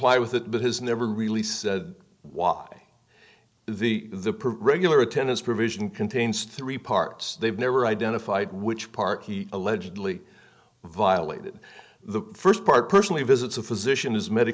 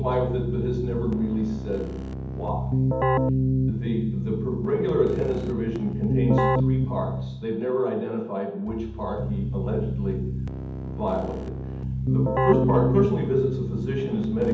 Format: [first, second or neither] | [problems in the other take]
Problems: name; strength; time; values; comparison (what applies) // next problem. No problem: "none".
first | background sound (Keyboard (musical)); 1 dB above the speech // room echo; dies away in 0.8 s